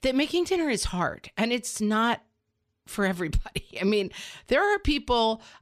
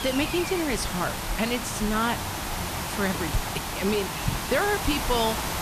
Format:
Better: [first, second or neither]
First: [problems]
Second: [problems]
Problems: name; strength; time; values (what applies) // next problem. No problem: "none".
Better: first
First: none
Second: hiss; loud; throughout; 2 dB below the speech